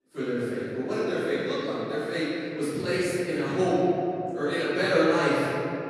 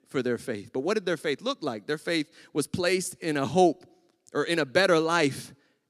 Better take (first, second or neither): second